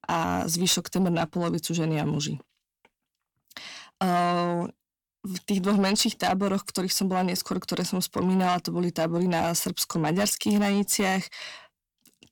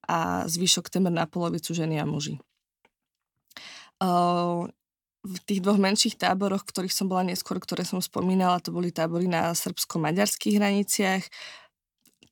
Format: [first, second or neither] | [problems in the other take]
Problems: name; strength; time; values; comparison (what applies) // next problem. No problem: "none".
second | distortion; slight; 10 dB below the speech